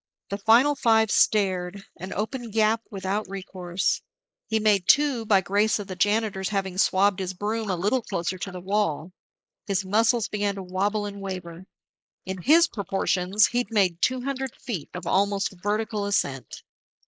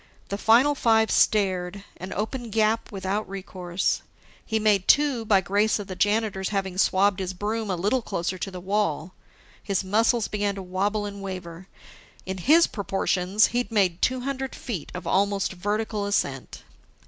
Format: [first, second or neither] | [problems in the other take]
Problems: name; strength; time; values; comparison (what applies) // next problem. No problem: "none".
second | noise reduction (neural mask model Resemble Enhance denoiser)